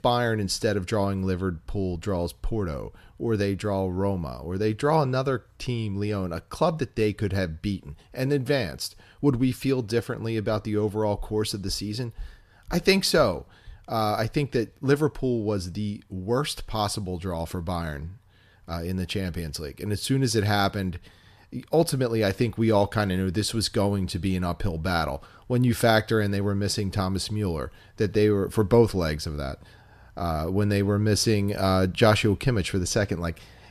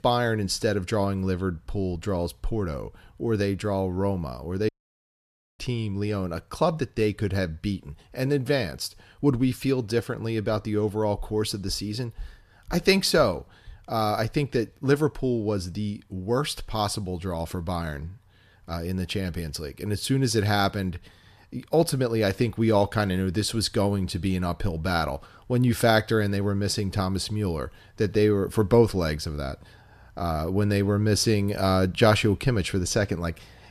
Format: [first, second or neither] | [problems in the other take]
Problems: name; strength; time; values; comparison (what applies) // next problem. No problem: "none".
first | audio cutting out; at 4.5 s for 1 s